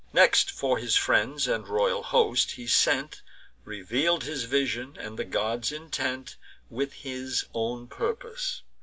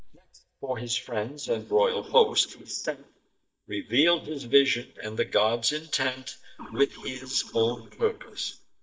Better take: first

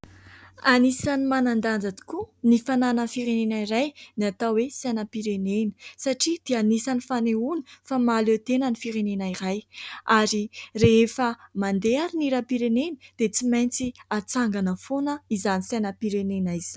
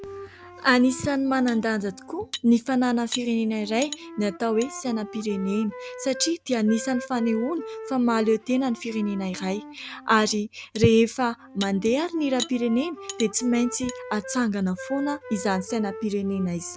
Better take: first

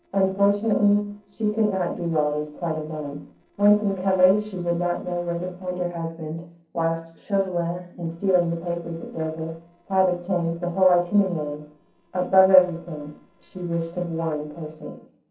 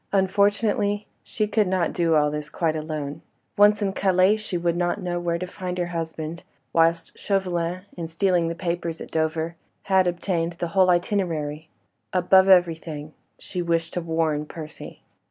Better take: second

